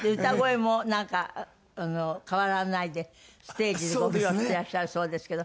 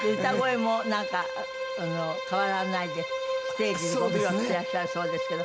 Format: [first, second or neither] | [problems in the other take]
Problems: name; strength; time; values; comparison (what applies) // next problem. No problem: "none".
first | background sound (Bowed string instrument); 3 dB below the speech